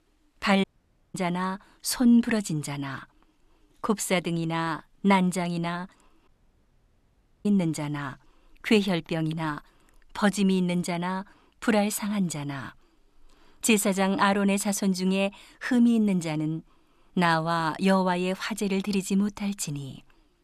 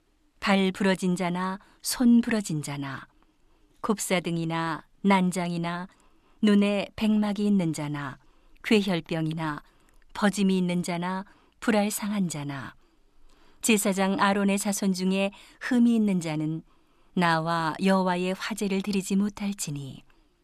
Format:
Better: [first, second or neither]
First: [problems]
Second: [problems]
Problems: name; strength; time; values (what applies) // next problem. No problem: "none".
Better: second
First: audio cutting out; at 0.5 s and at 6.5 s for 1 s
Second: none